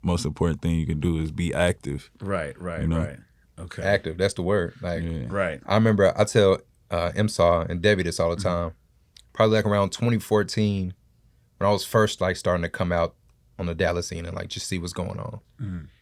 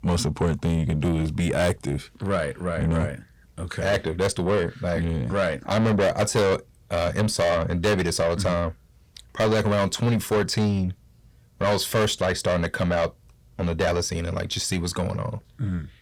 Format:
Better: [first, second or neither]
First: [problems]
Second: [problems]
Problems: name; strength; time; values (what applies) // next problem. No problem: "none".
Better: first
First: none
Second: distortion; heavy; 7 dB below the speech